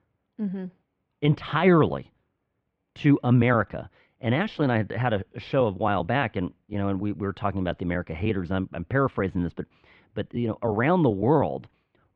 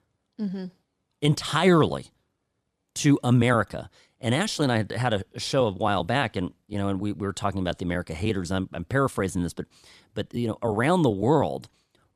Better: second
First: muffled; very; fading above 2.5 kHz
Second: none

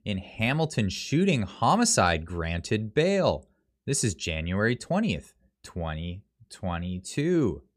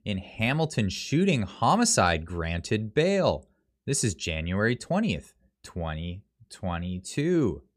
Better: neither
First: none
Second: none

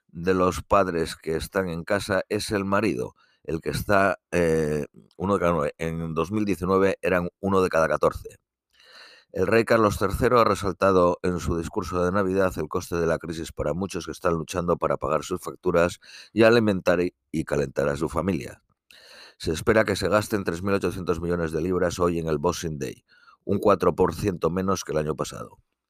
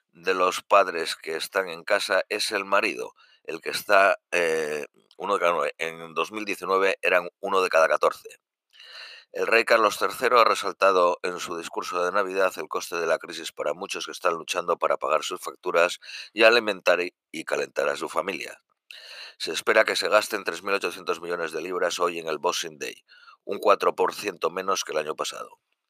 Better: first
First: none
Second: thin; very; fading below 550 Hz

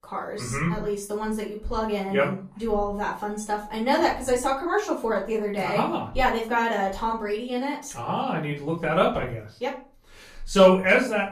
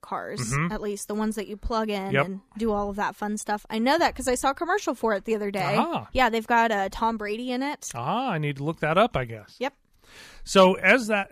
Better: second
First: off-mic speech; far // room echo; slight; dies away in 0.3 s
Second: none

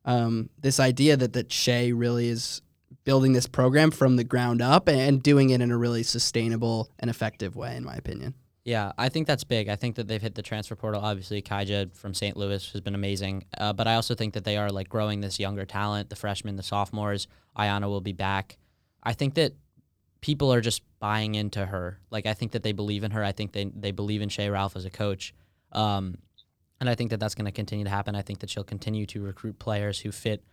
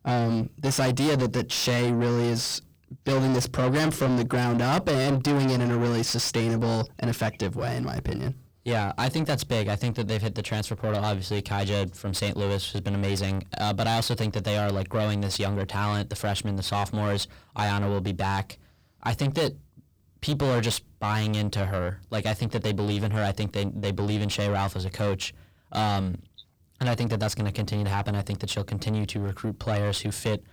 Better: first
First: none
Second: distortion; heavy; 5 dB below the speech

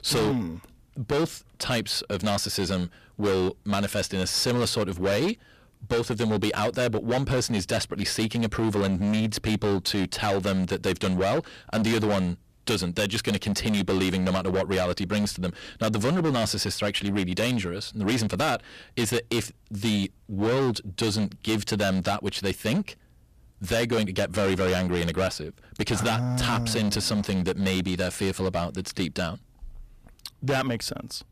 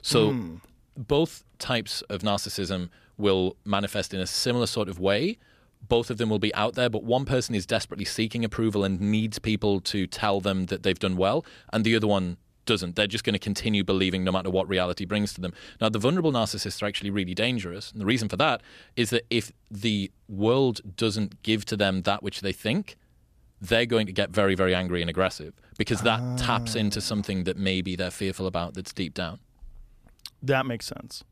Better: second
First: distortion; heavy; 16% of the sound clipped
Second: none

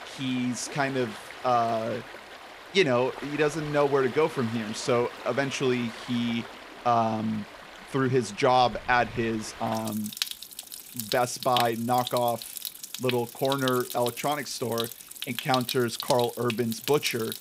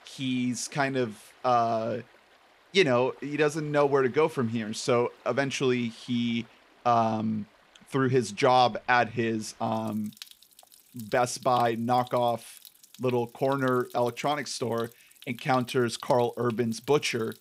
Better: second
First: rain or running water; loud; throughout; 10 dB below the speech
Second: rain or running water; faint; throughout; 25 dB below the speech

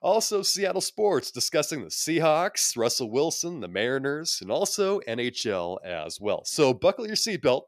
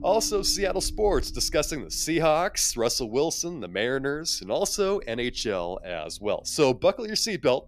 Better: first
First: none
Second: low rumble; faint; throughout; 25 dB below the speech

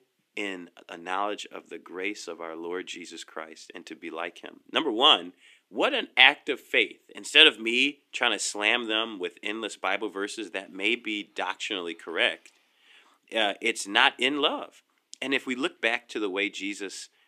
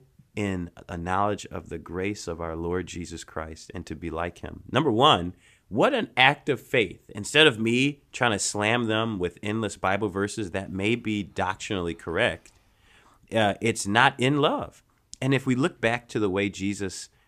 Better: second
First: thin; very slightly; fading below 300 Hz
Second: none

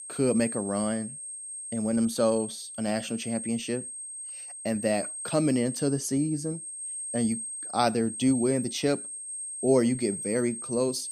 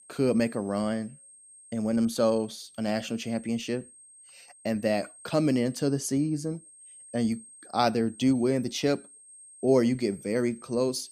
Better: second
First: high-pitched whine; loud; throughout; 8.5 kHz, 7 dB below the speech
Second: high-pitched whine; faint; throughout; 8.5 kHz, 20 dB below the speech

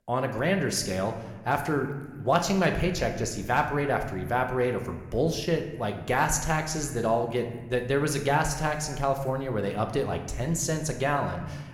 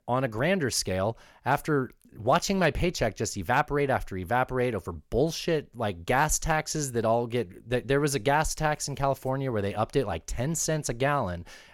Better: second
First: room echo; slight; dies away in 1 s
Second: none

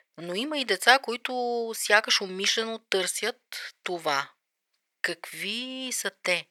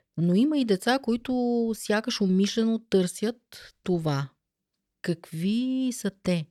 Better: second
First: thin; very; fading below 850 Hz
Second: none

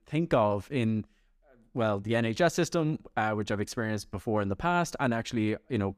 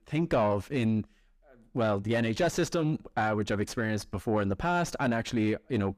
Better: first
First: none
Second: distortion; slight; 10 dB below the speech

